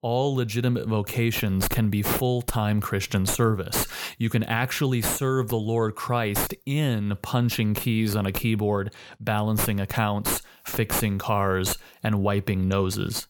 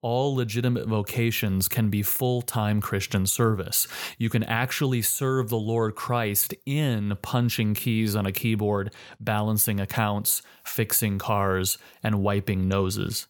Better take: second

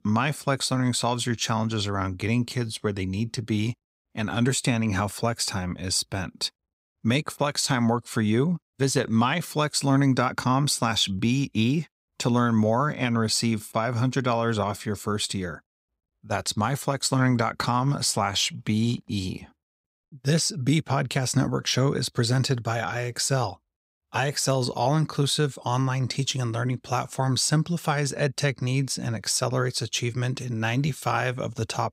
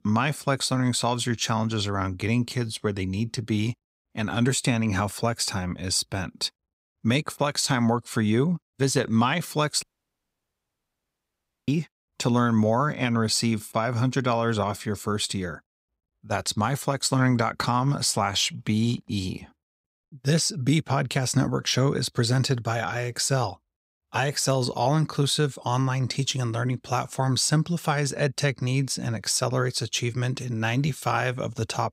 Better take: first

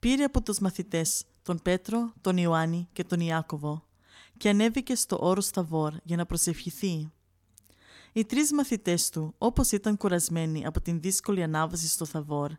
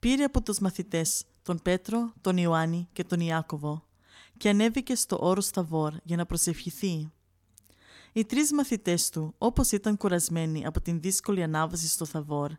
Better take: neither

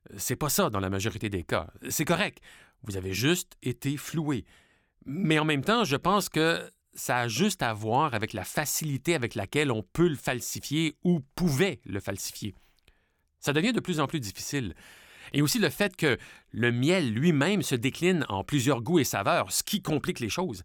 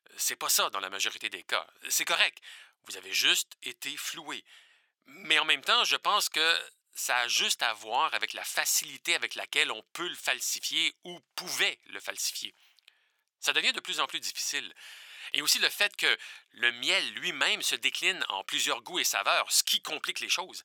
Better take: first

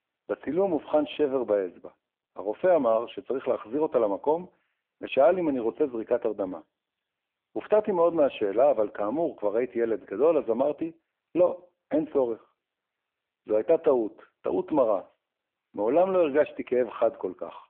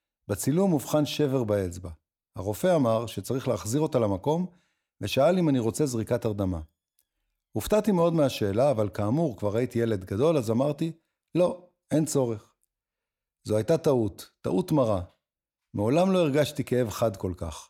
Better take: second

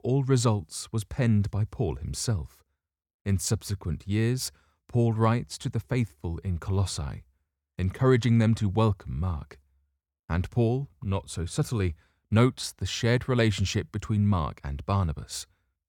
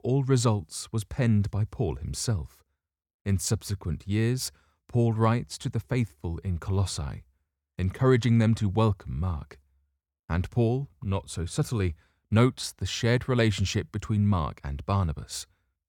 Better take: neither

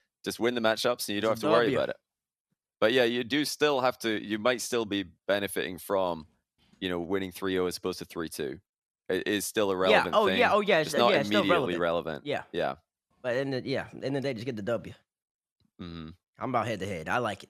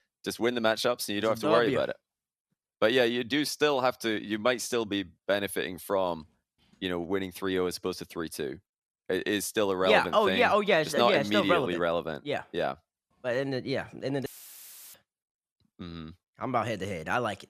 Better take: first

